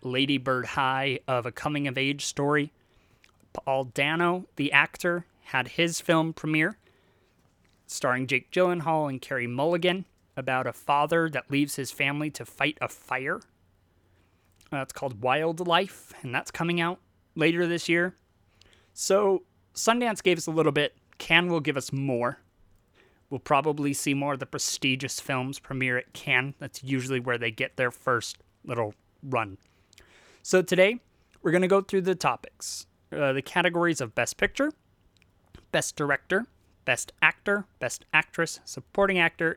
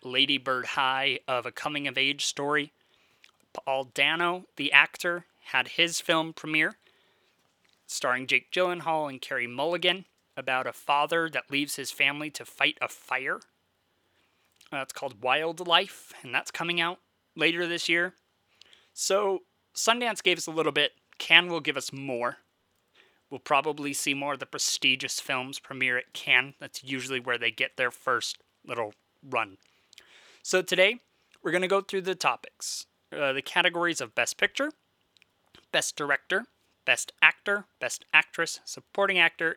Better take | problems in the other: first | thin; very slightly; fading below 500 Hz

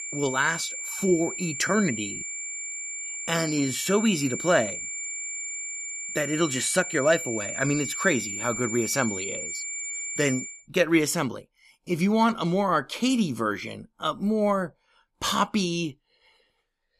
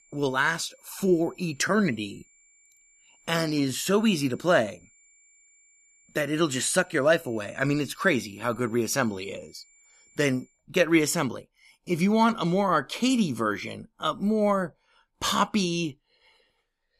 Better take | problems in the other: second | high-pitched whine; loud; until 11 s; 7 kHz, 5 dB below the speech; faint in the second

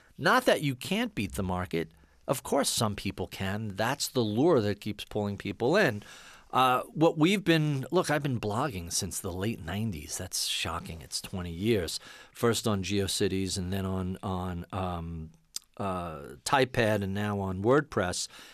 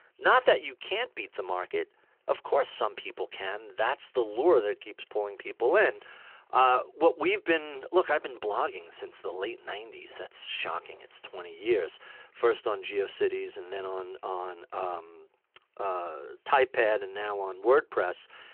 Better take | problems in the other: first | phone-call audio

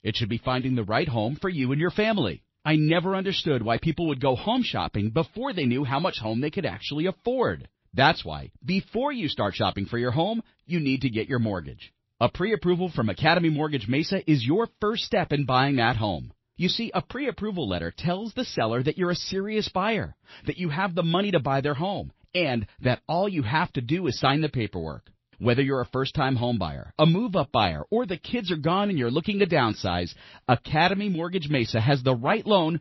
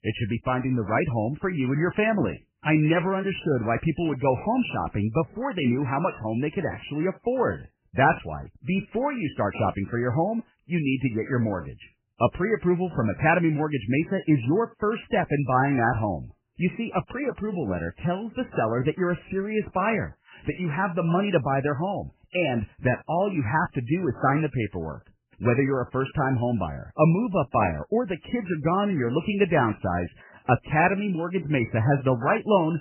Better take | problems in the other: first | garbled, watery; badly; nothing above 3 kHz; slightly in the first

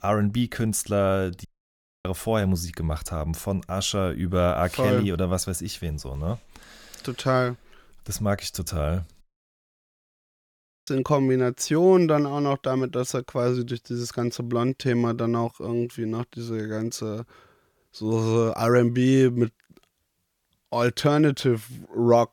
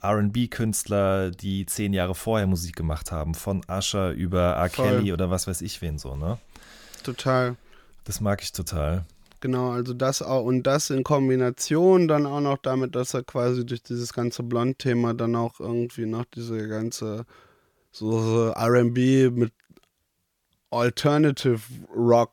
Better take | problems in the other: second | audio cutting out; at 1.5 s for 0.5 s and at 9 s for 1.5 s

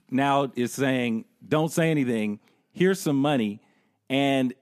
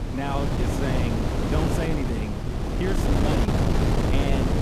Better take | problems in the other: first | wind noise on the microphone; heavy; 3 dB above the speech

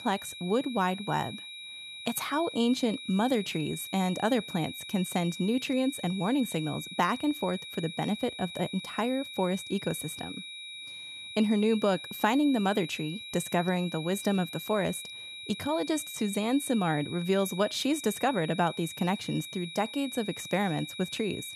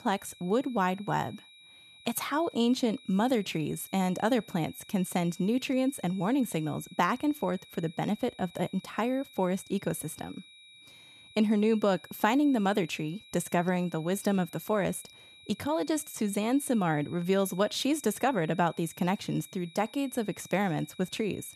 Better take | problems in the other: second | high-pitched whine; loud; throughout; 4 kHz, 10 dB below the speech; faint in the second

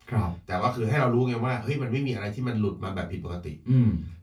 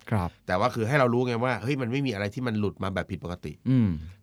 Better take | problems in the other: second | off-mic speech; far // room echo; very slight; dies away in 0.2 s

